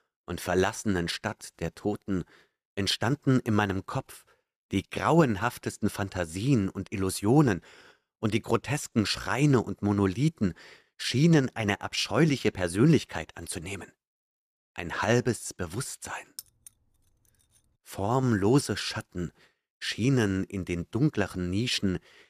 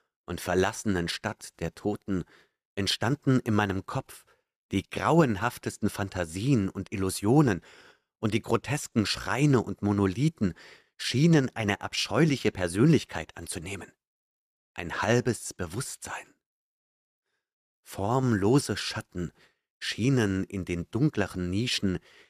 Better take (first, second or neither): second